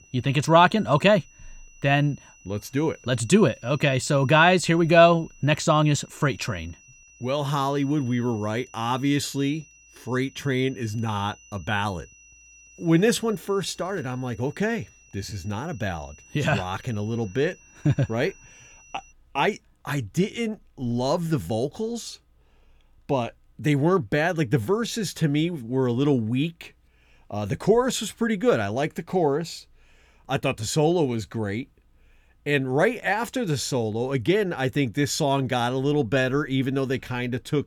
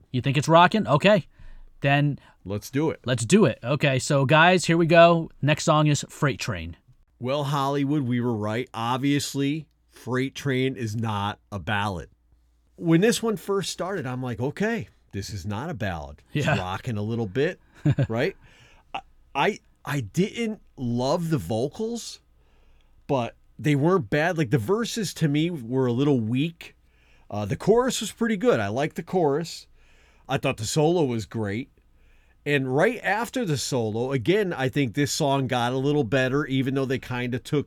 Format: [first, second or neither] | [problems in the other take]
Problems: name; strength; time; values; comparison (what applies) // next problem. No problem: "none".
second | high-pitched whine; faint; until 19 s; 6 kHz, 25 dB below the speech